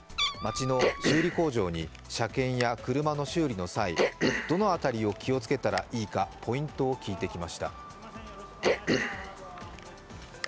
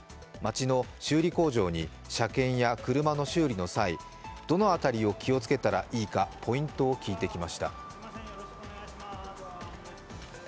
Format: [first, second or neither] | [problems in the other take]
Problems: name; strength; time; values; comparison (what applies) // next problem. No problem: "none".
second | background sound (Cough + Meow); 2 dB below the speech